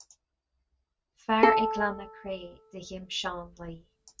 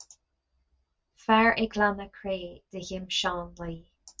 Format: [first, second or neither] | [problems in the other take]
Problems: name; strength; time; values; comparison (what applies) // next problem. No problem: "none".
second | background sound (Bowed string instrument); 3 dB above the speech